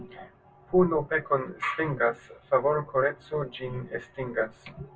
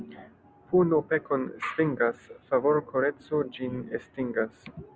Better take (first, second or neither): second